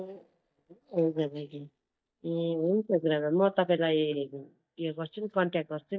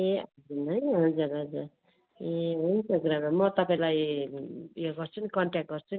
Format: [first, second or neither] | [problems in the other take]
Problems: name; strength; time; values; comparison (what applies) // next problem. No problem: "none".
second | noise reduction (neural mask model DeepFilterNet 3)